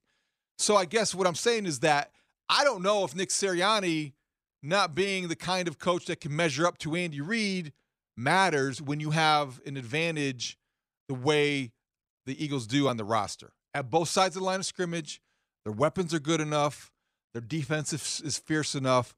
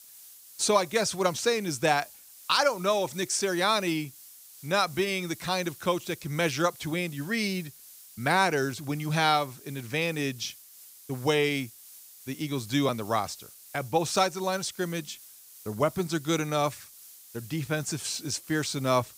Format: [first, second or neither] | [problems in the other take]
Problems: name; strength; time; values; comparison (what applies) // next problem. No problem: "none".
first | hiss; noticeable; throughout; 20 dB below the speech